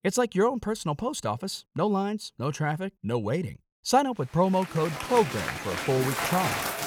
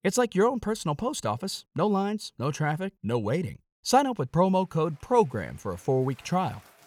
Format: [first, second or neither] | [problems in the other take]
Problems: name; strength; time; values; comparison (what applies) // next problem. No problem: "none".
second | crowd noise; loud; from 5 s on; 4 dB below the speech; faint in the second